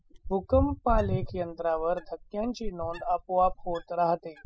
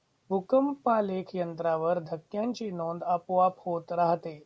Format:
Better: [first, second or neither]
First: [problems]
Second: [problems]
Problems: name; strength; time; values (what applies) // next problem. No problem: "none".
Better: second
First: noise reduction (classical method spectral subtraction)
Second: none